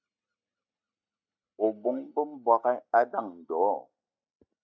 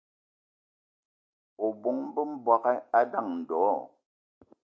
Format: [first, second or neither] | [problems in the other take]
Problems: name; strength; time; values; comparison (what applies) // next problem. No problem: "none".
second | noise reduction (neural mask model DeepFilterNet 3)